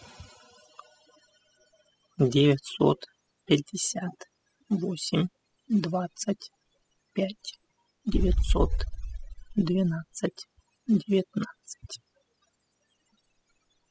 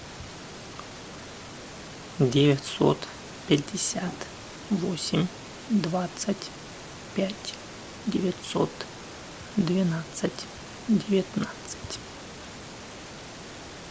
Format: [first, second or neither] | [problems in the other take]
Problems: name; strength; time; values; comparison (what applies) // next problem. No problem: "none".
second | noise reduction (classical method spectral subtraction)